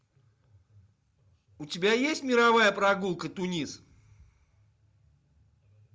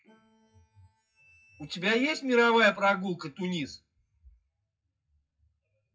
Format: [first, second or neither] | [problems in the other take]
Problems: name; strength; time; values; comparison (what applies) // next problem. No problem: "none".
first | noise reduction (classical method WPE with log-MMSE)